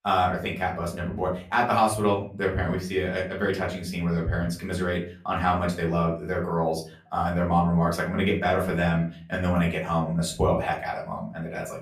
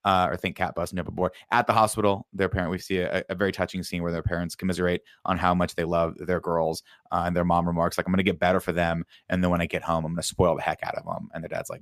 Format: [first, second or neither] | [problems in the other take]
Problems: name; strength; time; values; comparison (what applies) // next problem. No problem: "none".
second | room echo; slight; dies away in 0.4 s // off-mic speech; far